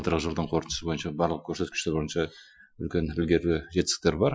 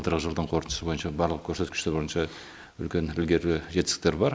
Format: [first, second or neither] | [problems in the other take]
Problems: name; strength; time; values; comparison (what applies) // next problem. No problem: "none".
second | noise reduction (classical method Wiener filter)